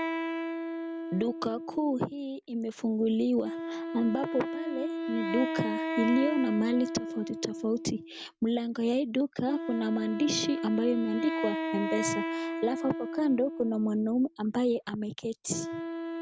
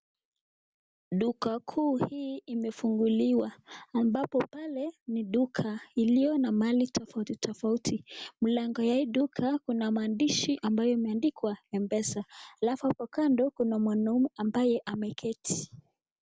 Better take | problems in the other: second | background sound (Wind instrument, woodwind instrument); 5 dB below the speech

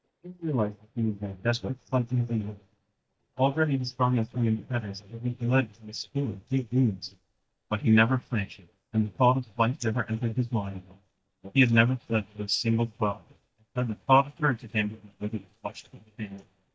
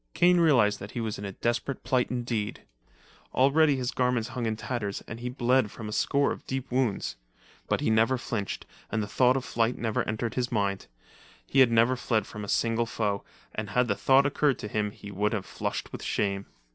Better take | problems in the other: second | noise reduction (neural mask model DeepFilterNet 3)

